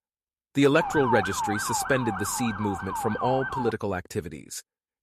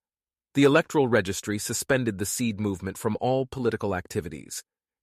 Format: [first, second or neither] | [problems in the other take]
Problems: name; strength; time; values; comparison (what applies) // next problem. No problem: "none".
second | siren; noticeable; from 1 to 3.5 s; peak 1 dB below the speech